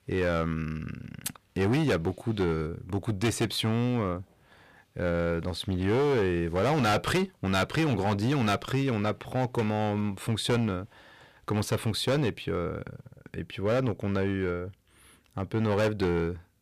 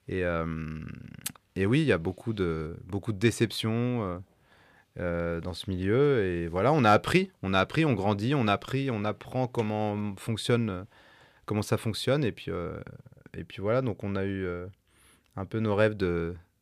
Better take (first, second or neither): second